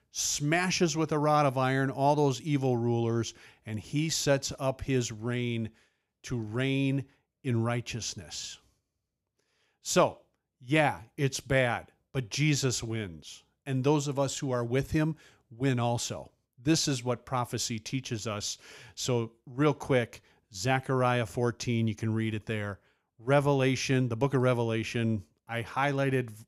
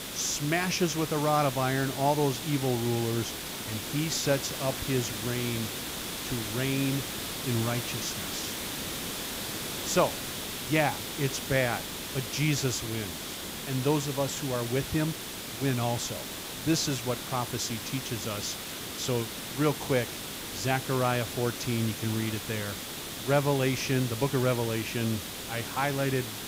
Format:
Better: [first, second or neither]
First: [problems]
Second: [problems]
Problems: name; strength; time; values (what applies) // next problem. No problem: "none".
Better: first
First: none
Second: hiss; loud; throughout; 5 dB below the speech